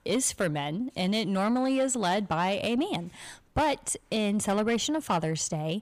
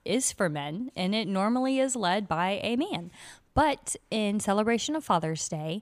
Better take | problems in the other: second | distortion; slight; 10 dB below the speech

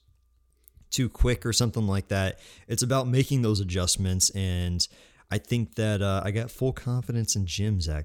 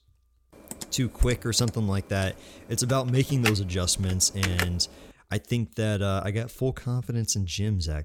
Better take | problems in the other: first | keyboard typing; noticeable; from 0.5 to 4.5 s; peak 2 dB below the speech

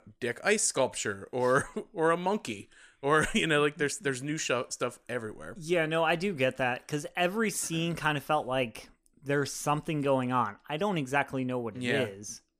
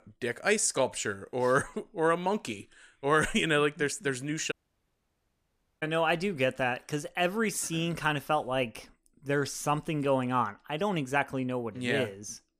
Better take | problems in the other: first | audio cutting out; at 4.5 s for 1.5 s

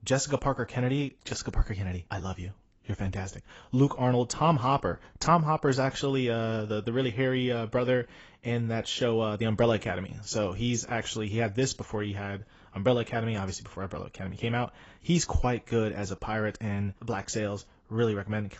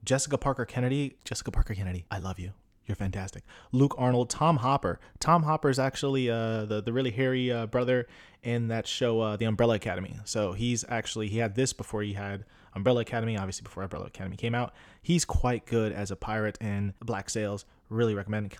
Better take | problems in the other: second | garbled, watery; badly; nothing above 7.5 kHz

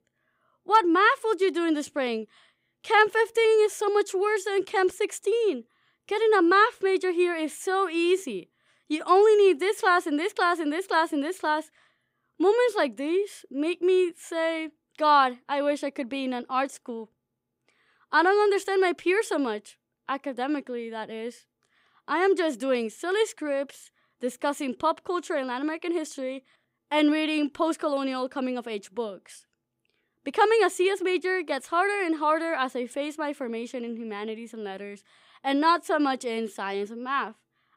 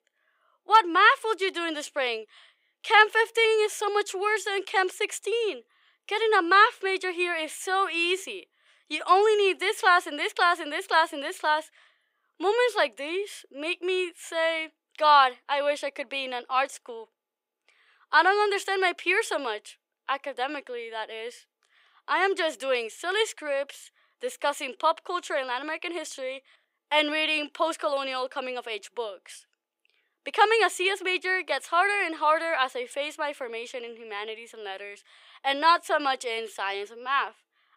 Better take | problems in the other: first | thin; somewhat; fading below 500 Hz

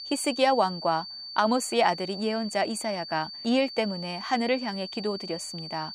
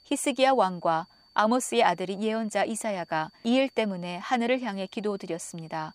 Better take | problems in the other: second | high-pitched whine; loud; throughout; 4.5 kHz, 10 dB below the speech; faint in the second

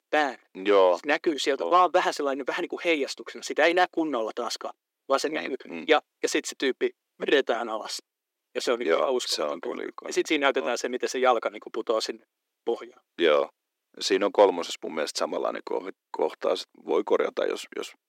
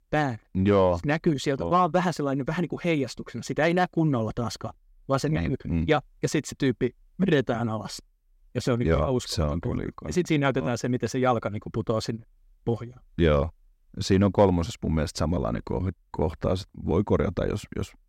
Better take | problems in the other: second | thin; very; fading below 350 Hz

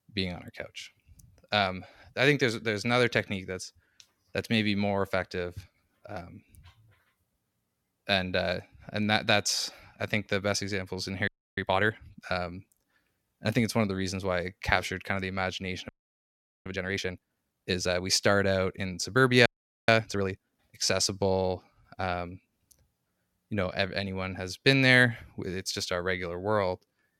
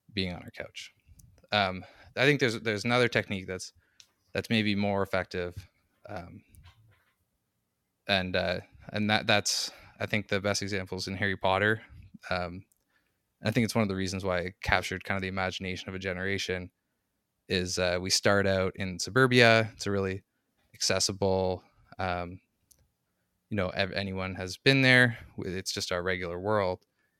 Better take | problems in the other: second | audio freezing; at 11 s, at 16 s for 1 s and at 19 s

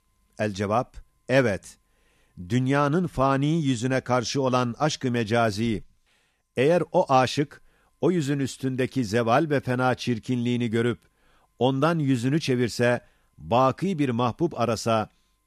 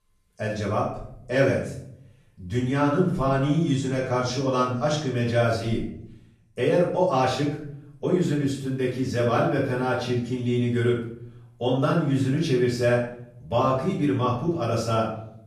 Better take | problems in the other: first | off-mic speech; far // room echo; noticeable; dies away in 0.6 s

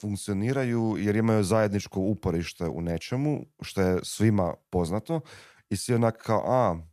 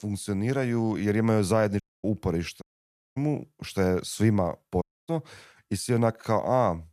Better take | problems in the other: first | audio cutting out; at 2 s, at 2.5 s for 0.5 s and at 5 s

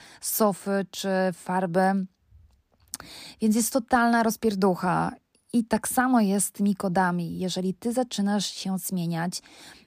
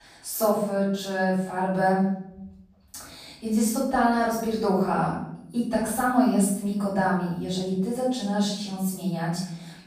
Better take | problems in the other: first | off-mic speech; far // room echo; noticeable; dies away in 0.7 s

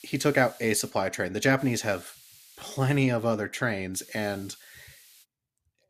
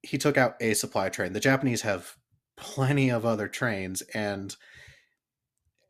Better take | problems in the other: second | hiss; faint; at the start, from 1.5 to 3 s and from 4 to 5 s; 25 dB below the speech

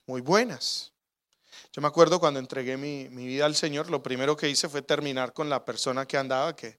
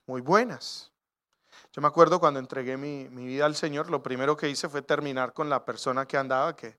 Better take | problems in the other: first | muffled; slightly; fading above 2 kHz

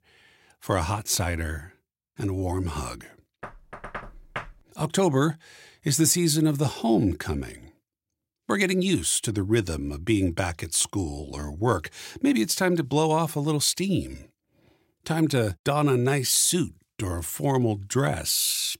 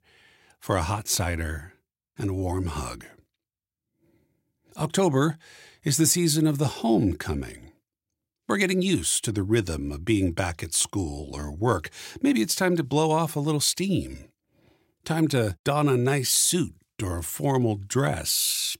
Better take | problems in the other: second | door banging; faint; from 3.5 to 4.5 s; peak 10 dB below the speech

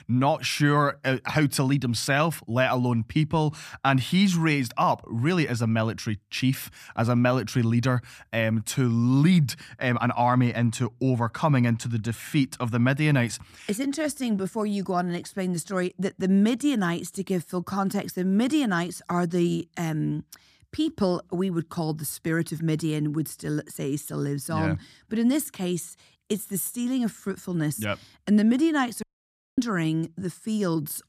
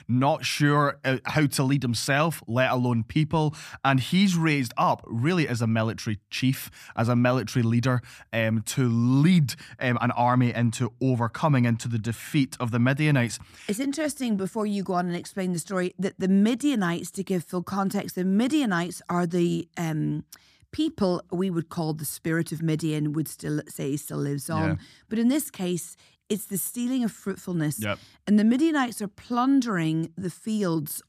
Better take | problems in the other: second | audio cutting out; at 29 s for 0.5 s

